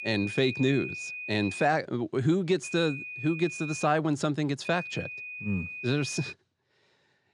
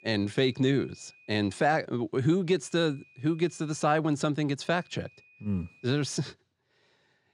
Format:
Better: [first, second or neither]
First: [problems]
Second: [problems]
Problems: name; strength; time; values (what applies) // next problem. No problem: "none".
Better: second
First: high-pitched whine; loud; until 1.5 s, from 2.5 to 4 s and from 4.5 to 6.5 s; 2.5 kHz, 8 dB below the speech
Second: high-pitched whine; faint; until 1.5 s, from 2.5 to 4 s and from 4.5 to 6.5 s; 2.5 kHz, 30 dB below the speech